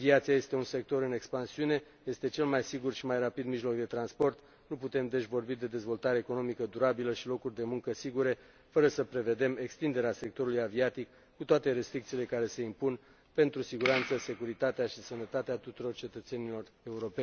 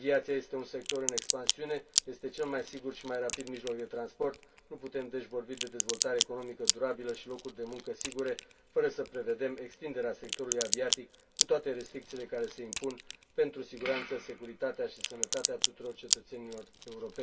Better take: first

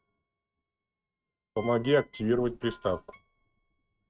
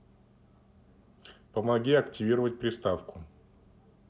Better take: second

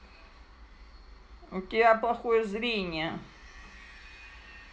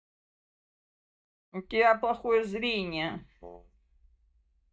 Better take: first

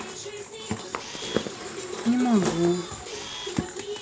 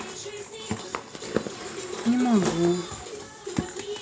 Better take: second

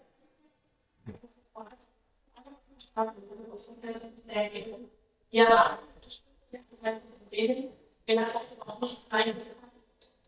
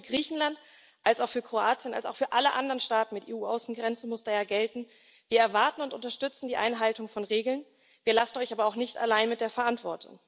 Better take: second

